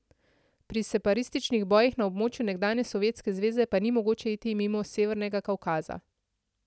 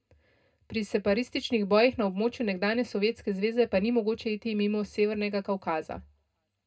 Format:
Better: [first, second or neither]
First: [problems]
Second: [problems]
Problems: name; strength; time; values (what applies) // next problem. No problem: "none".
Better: first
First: none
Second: room echo; dies away in 0.2 s